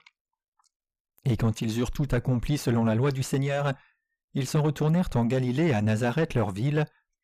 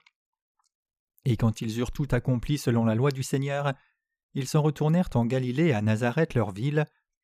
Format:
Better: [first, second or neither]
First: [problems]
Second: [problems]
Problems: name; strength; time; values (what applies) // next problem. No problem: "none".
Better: second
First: distortion; slight; 10 dB below the speech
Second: none